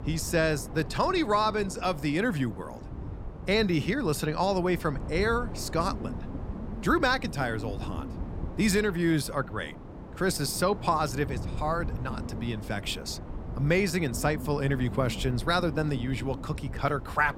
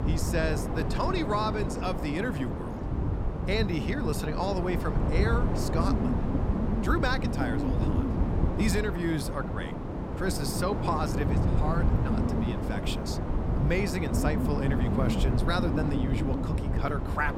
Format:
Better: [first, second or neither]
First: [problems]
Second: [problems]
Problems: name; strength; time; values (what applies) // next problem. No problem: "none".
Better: first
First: wind noise on the microphone; occasional gusts; 15 dB below the speech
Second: wind noise on the microphone; heavy; 3 dB below the speech